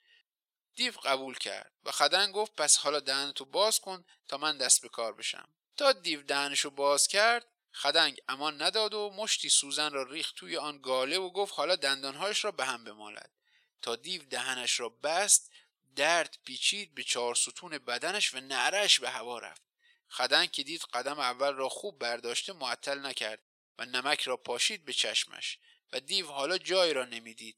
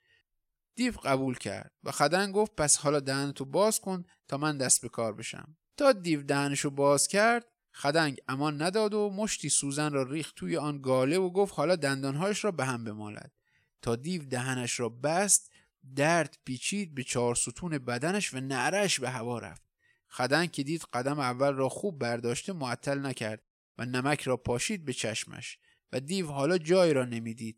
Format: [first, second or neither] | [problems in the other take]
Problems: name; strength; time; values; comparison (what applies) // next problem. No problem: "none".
second | thin; somewhat; fading below 550 Hz